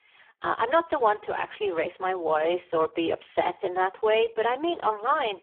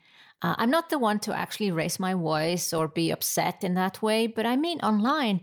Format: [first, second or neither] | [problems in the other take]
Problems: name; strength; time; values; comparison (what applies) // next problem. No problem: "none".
second | phone-call audio; poor line